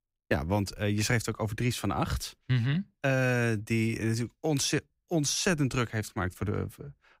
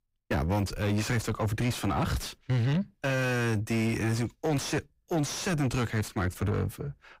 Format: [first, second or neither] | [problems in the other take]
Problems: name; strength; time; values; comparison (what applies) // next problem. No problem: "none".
first | distortion; heavy; 7 dB below the speech